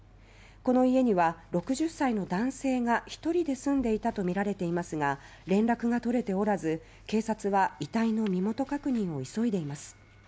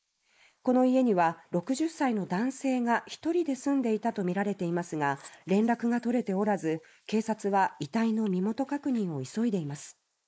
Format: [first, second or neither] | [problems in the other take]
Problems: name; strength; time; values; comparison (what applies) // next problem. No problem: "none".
first | noise reduction (neural mask model Resemble Enhance denoiser)